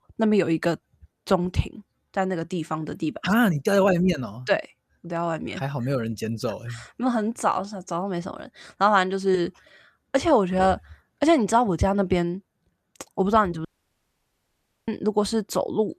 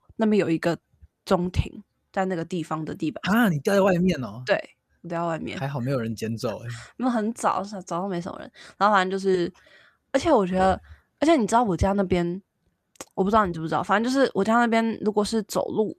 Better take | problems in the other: second | audio cutting out; at 14 s for 1 s

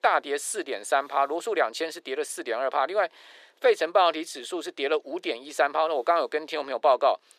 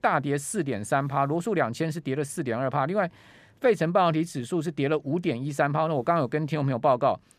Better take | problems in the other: second | thin; very; fading below 400 Hz

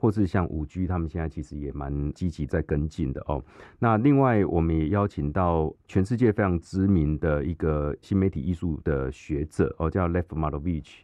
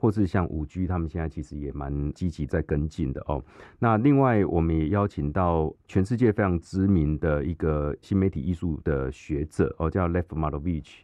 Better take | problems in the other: neither | muffled; very; fading above 2.5 kHz; the same in both

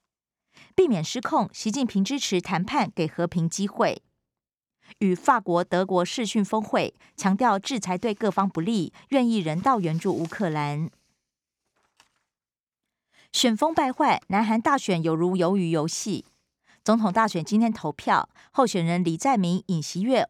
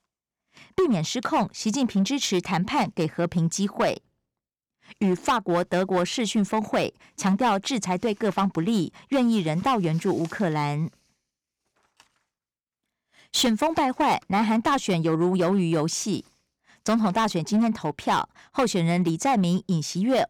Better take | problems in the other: first | distortion; slight; 7% of the sound clipped

